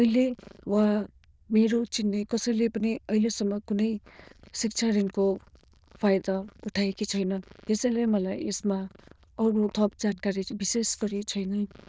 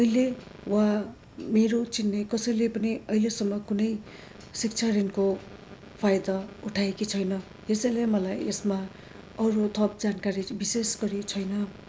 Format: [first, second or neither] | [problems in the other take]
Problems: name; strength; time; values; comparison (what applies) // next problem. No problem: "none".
second | noise reduction (neural diffusion model UNIVERSE++)